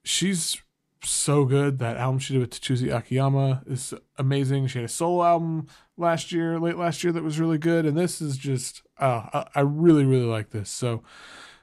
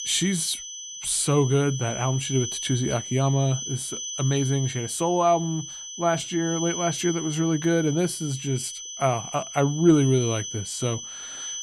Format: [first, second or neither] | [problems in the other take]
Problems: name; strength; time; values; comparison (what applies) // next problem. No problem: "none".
first | high-pitched whine; loud; throughout; 6 kHz, 8 dB below the speech